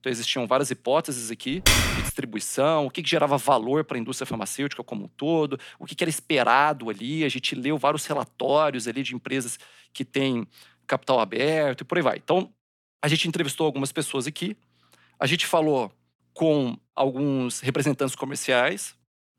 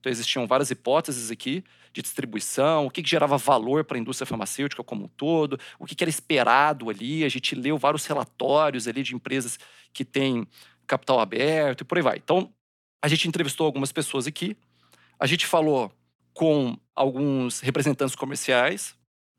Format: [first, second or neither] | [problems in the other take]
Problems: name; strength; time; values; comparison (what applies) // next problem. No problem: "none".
second | keyboard typing; loud; at 1.5 s; peak 6 dB above the speech